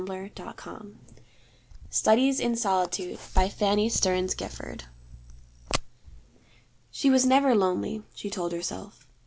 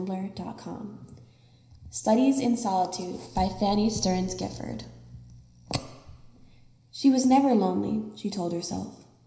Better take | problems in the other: first | room echo; dies away in 0.9 s

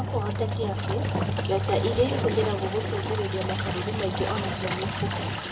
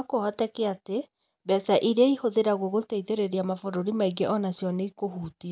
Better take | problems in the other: second | background sound (Engine); 2 dB above the speech // room echo; dies away in 1.1 s

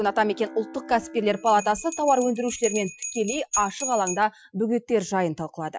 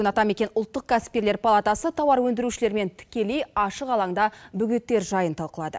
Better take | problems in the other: second | noise reduction (classical method Wiener filter)

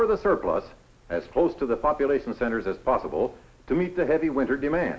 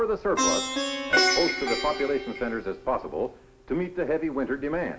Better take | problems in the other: first | background sound (Plucked string instrument); 1 dB below the speech

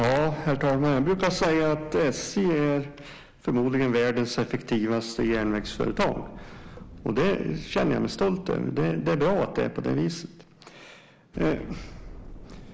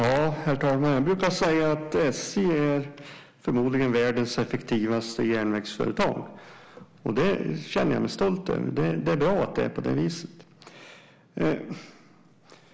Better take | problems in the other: second | background sound (Explosion); 18 dB below the speech

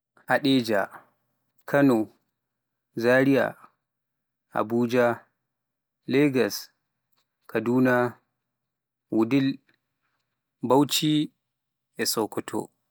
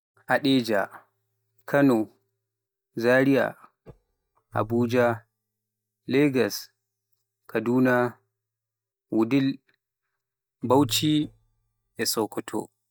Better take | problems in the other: first | noise reduction (neural mask model DeepFilterNet 3)

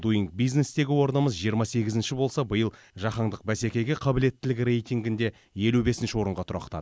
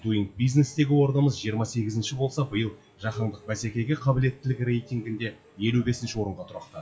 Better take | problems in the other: first | noise reduction (classical method WPE with log-MMSE)

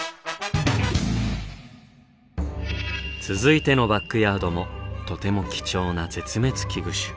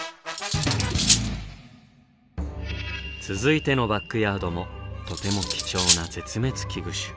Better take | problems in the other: first | background sound (Cutlery, silverware); 1 dB above the speech

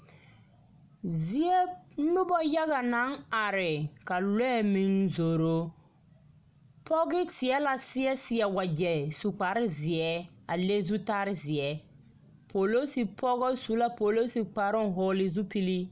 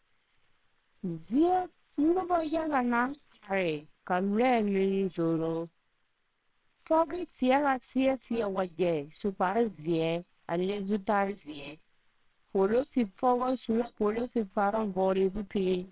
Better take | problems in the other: first | noise reduction (neural separator model SepFormer WHAMR!)

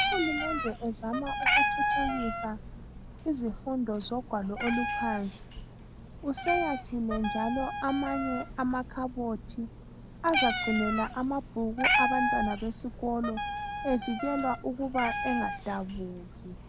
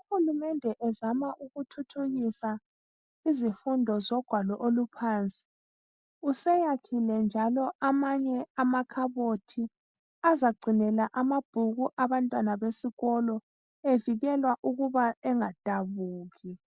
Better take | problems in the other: second | background sound (Meow + Wind instrument, woodwind instrument); 1 dB below the speech

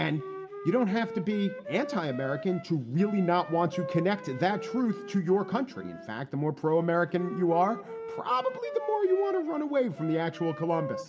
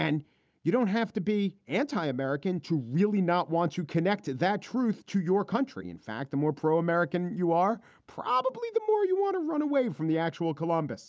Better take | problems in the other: second | background sound (Wind instrument, woodwind instrument); 12 dB below the speech // room echo; dies away in 2.3 s

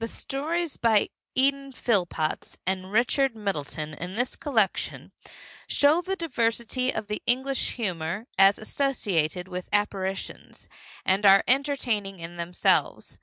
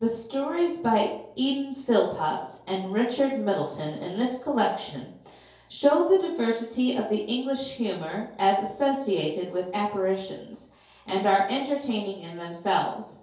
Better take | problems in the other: first | room echo; dies away in 2.4 s

